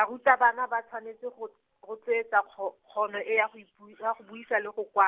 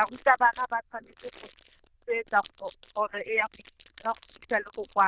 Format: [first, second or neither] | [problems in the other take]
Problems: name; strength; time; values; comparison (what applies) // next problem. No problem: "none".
first | noise reduction (neural diffusion model UNIVERSE++)